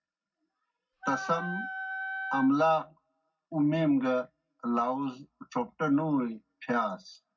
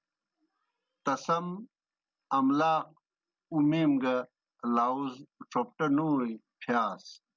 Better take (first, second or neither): second